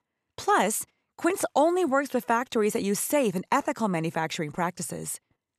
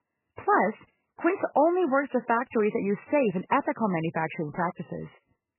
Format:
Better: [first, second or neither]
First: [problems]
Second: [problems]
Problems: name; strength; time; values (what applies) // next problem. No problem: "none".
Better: first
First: none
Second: garbled, watery; badly; nothing above 2.5 kHz